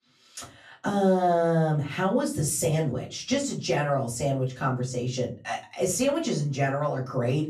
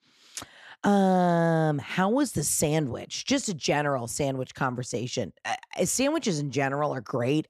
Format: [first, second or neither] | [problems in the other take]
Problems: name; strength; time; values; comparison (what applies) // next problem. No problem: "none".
second | off-mic speech; far // room echo; very slight; dies away in 0.3 s